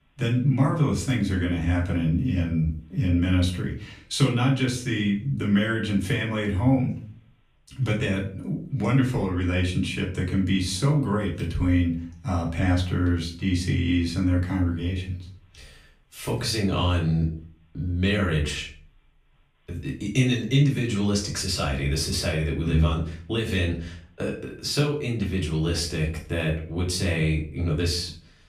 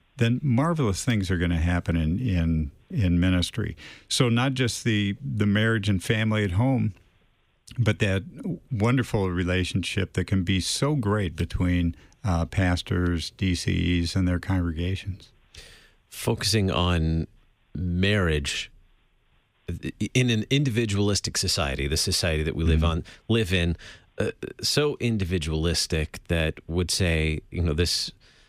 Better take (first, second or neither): second